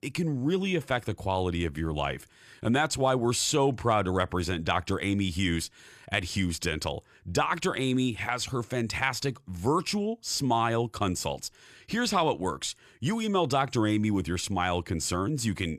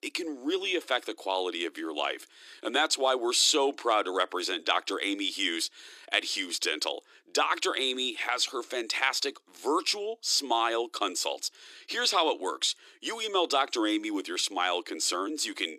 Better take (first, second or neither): first